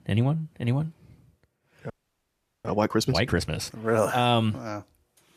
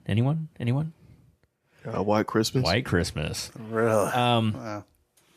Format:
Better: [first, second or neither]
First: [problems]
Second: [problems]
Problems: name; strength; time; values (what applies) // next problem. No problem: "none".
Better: second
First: audio freezing; at 2 s for 1 s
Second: none